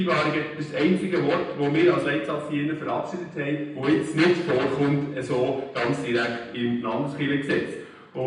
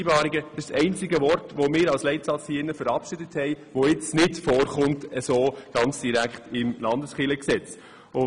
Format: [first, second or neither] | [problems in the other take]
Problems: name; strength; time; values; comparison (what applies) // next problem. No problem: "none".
second | room echo; dies away in 0.9 s